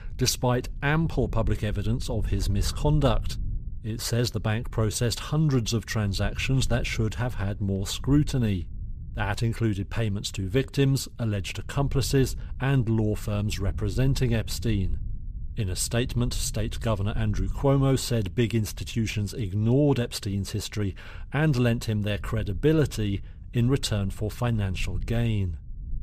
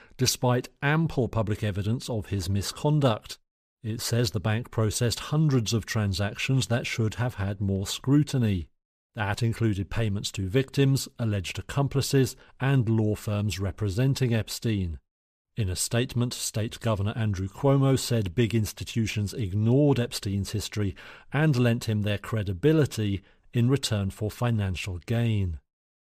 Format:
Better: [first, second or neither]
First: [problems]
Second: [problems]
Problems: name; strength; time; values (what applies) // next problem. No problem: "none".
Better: second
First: low rumble; faint; throughout; 25 dB below the speech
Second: none